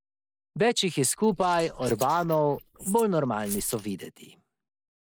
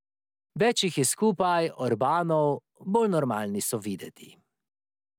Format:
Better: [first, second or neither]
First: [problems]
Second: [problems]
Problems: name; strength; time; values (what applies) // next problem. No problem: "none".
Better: second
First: noise reduction (neural mask model Resemble Enhance denoiser)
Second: none